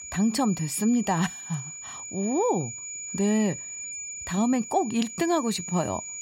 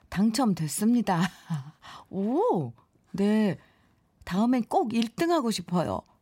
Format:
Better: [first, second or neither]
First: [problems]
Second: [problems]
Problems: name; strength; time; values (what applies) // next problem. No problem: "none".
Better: second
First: high-pitched whine; loud; throughout; 7 kHz, 9 dB below the speech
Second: none